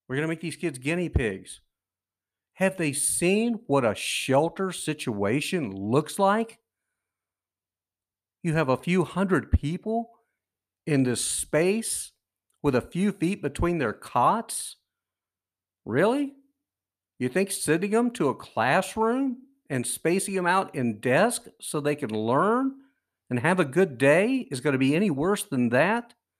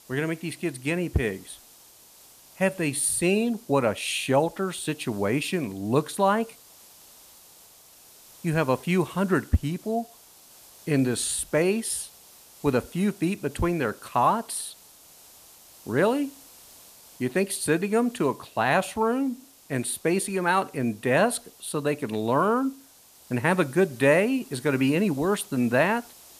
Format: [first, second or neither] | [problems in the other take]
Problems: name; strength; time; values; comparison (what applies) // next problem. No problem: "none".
first | hiss; faint; throughout; 25 dB below the speech